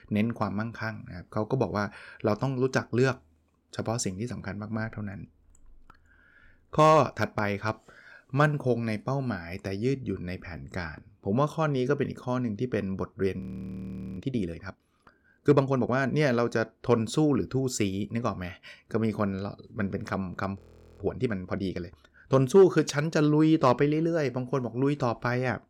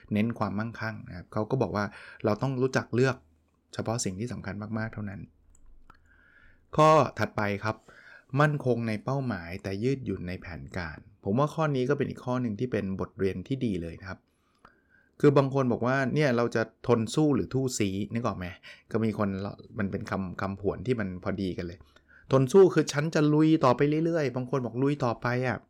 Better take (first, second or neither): second